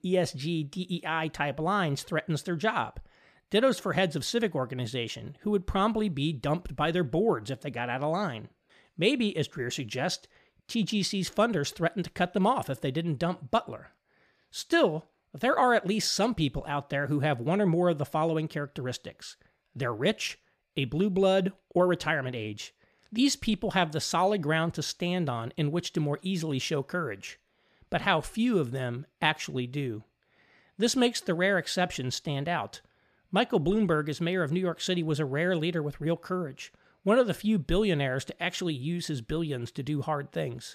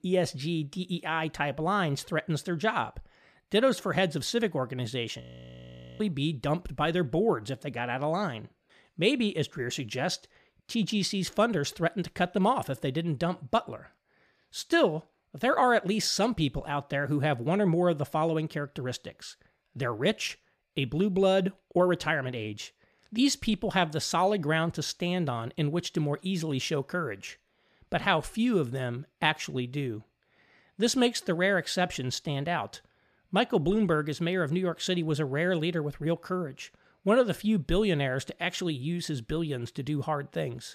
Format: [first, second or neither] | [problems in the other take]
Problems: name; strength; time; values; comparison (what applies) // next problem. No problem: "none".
first | audio freezing; at 5 s for 1 s